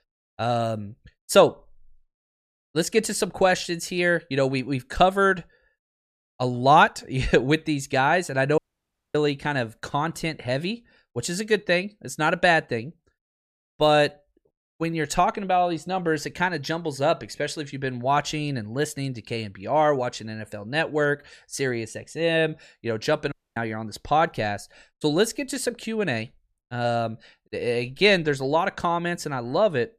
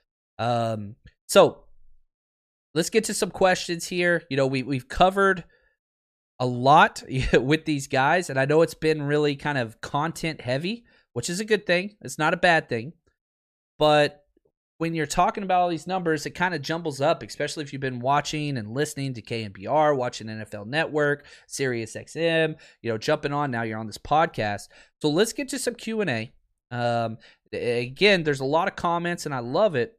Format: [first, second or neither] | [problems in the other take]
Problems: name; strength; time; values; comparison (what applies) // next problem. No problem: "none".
second | audio cutting out; at 8.5 s for 0.5 s and at 23 s